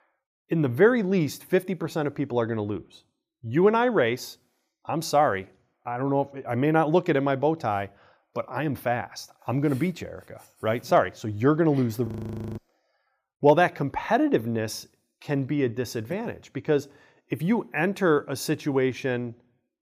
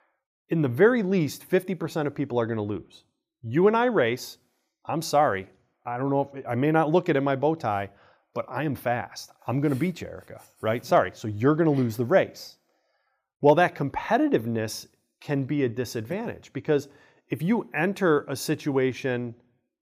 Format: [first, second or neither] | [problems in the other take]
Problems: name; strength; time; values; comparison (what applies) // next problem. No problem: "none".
second | audio freezing; at 12 s for 0.5 s